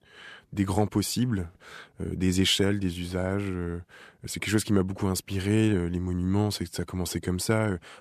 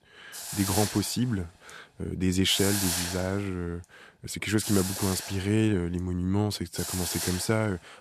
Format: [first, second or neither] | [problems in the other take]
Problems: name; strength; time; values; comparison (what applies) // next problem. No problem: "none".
first | hiss; loud; throughout; 3 dB below the speech